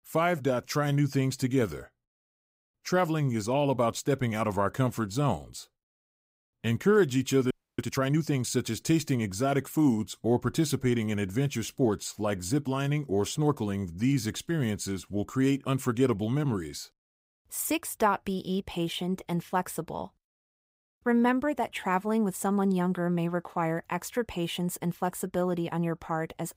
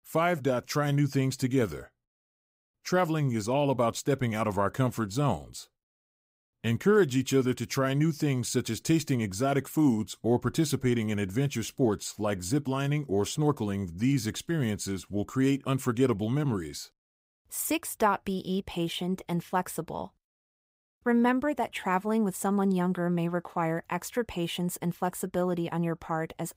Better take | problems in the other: second | audio freezing; at 7.5 s

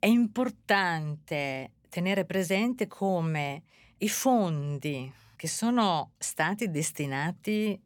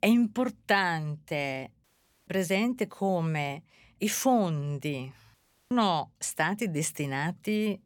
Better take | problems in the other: first | audio cutting out; at 2 s and at 5.5 s

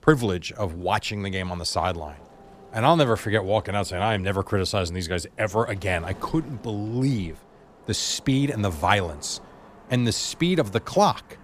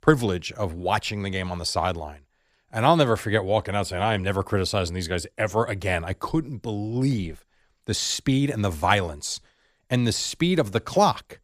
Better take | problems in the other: second | wind noise on the microphone; occasional gusts; 25 dB below the speech

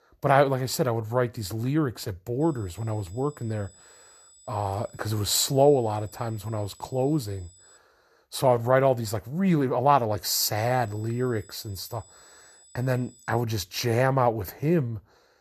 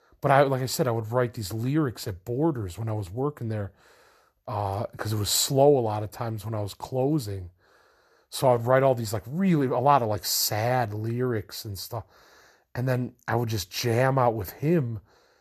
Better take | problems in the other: second | high-pitched whine; faint; from 2.5 to 8 s and from 11 to 13 s; 8 kHz, 25 dB below the speech

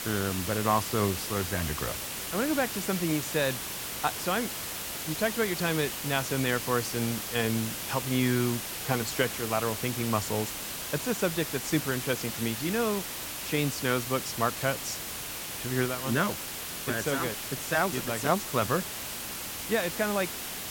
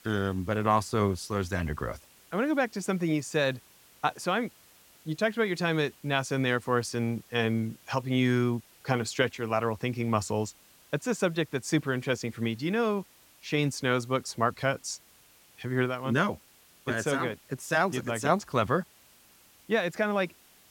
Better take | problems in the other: second | hiss; loud; throughout; 3 dB below the speech; faint in the second

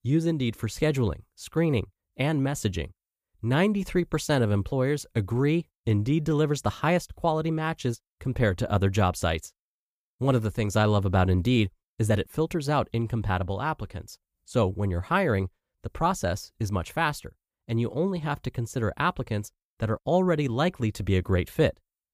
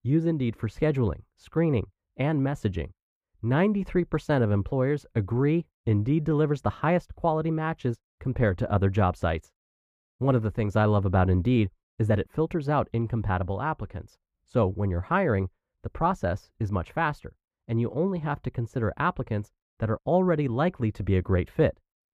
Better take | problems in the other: first | muffled; very; fading above 3 kHz

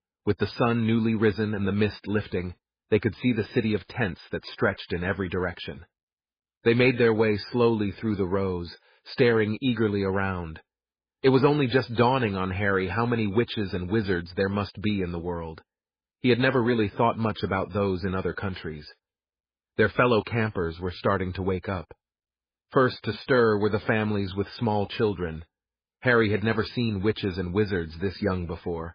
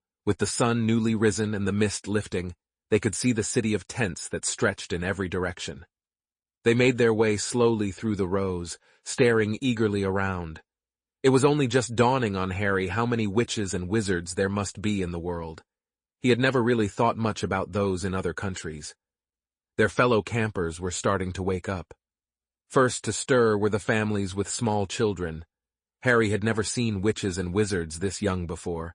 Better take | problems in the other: second | garbled, watery; badly; slightly in the second

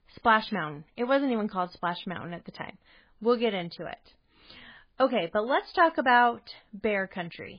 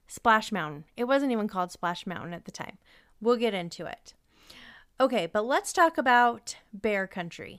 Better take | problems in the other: second | garbled, watery; badly; nothing above 4.5 kHz

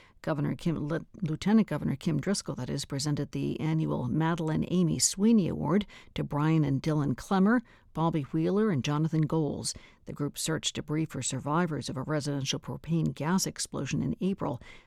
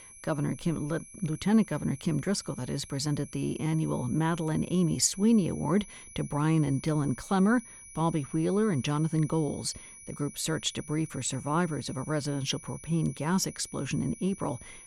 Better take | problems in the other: first | high-pitched whine; noticeable; throughout; 10.5 kHz, 15 dB below the speech

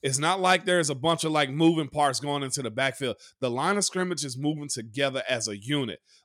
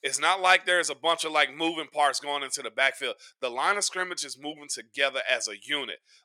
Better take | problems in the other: first | thin; very; fading below 600 Hz

